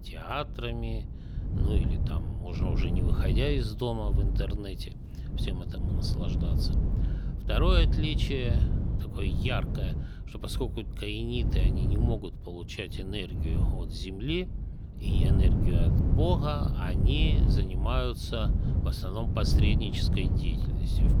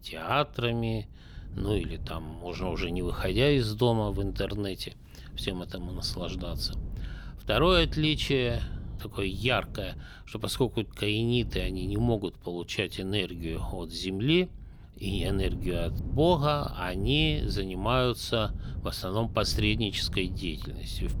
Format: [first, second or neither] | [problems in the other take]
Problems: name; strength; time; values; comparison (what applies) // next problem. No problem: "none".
second | wind noise on the microphone; heavy; 5 dB below the speech; occasional gusts in the second